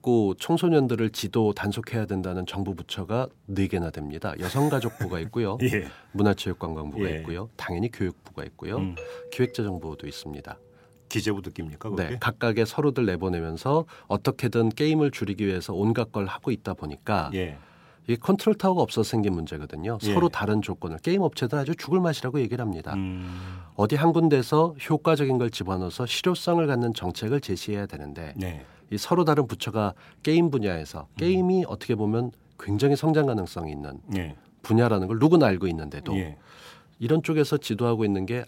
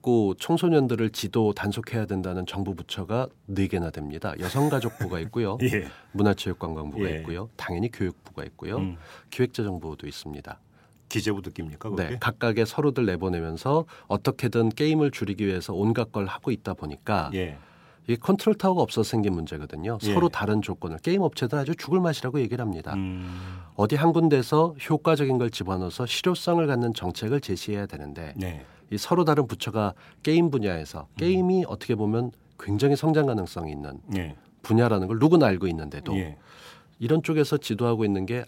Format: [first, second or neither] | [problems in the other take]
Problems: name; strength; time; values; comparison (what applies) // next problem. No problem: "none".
second | doorbell; faint; from 9 to 11 s; peak 15 dB below the speech